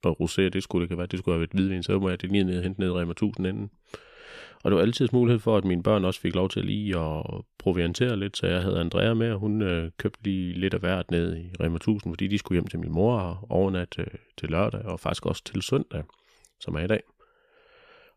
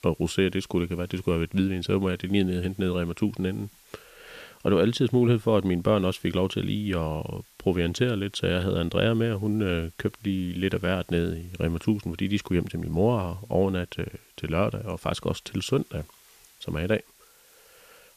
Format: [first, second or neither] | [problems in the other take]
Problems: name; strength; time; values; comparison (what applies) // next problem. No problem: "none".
first | hiss; faint; throughout; 30 dB below the speech